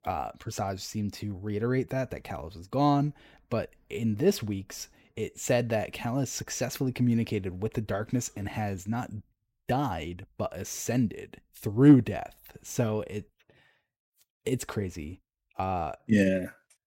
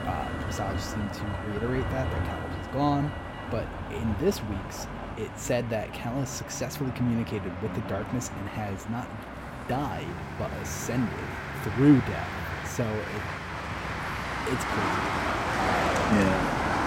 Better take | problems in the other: first | traffic noise; loud; throughout; 2 dB below the speech

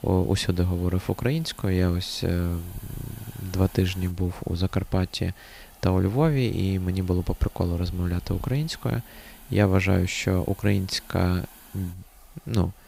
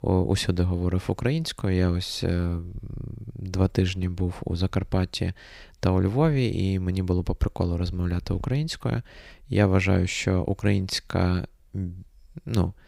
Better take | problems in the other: second | hiss; faint; throughout; 20 dB below the speech

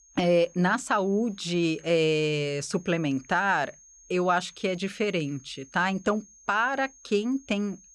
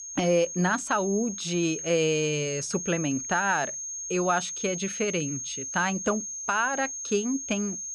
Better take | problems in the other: first | high-pitched whine; loud; throughout; 6.5 kHz, 5 dB below the speech; faint in the first

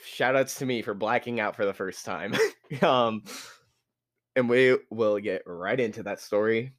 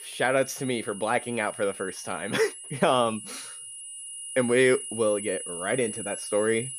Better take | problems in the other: first | high-pitched whine; loud; throughout; 10.5 kHz, 9 dB below the speech

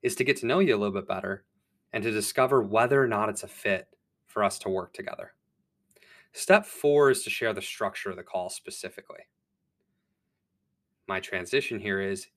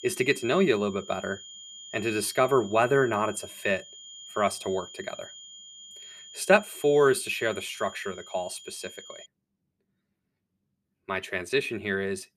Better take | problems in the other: first | high-pitched whine; noticeable; until 9.5 s; 3 kHz, 15 dB below the speech

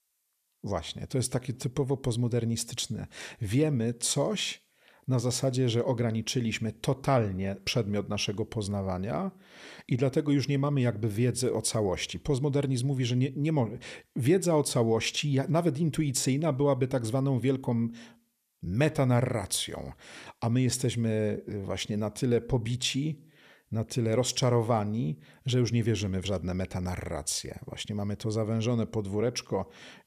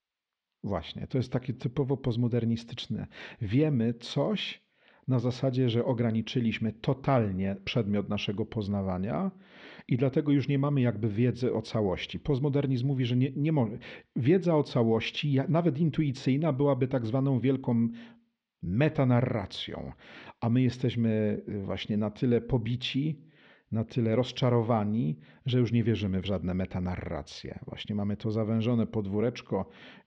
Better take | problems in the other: first | muffled; slightly; fading above 4 kHz

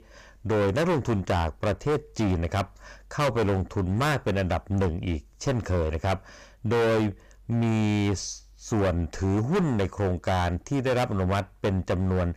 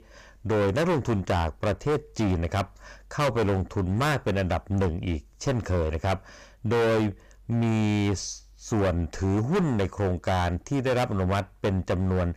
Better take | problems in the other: neither | distortion; heavy; 18% of the sound clipped; the same in both

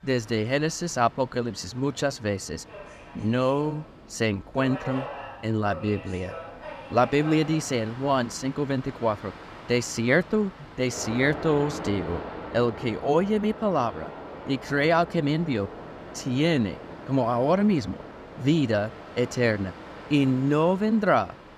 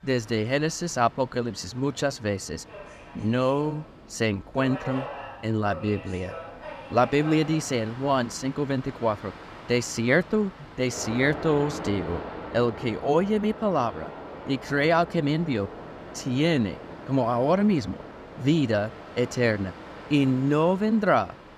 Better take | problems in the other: neither | train or aircraft noise; noticeable; throughout; 15 dB below the speech; the same in both

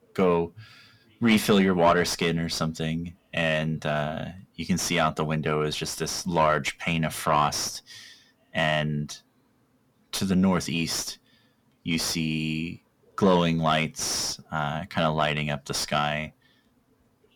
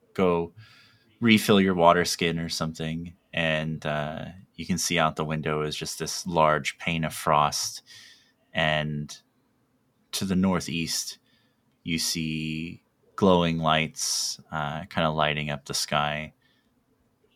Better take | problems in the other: second | distortion; slight; 10 dB below the speech

